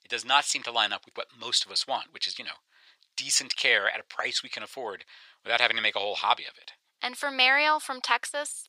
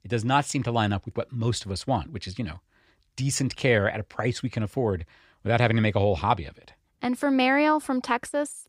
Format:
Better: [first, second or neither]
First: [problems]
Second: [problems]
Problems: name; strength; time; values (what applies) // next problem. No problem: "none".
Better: second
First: thin; very; fading below 900 Hz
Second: none